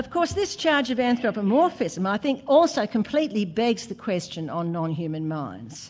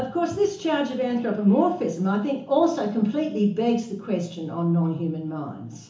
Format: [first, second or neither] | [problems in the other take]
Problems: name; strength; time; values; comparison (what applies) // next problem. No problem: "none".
first | room echo; dies away in 0.8 s